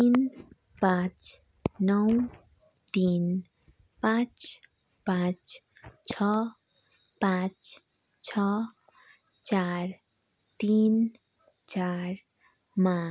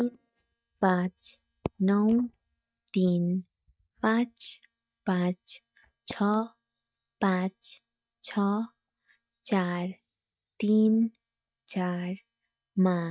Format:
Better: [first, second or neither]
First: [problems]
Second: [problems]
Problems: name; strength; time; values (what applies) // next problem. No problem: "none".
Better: first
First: none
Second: noise reduction (neural mask model DeepFilterNet 3)